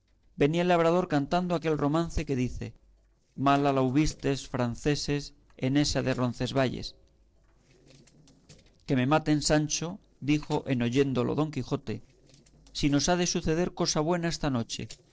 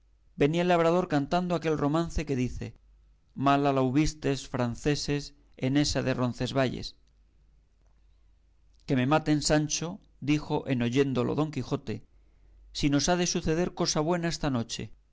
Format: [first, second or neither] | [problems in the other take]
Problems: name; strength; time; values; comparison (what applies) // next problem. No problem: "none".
second | noise reduction (neural separator model SepFormer DNS4)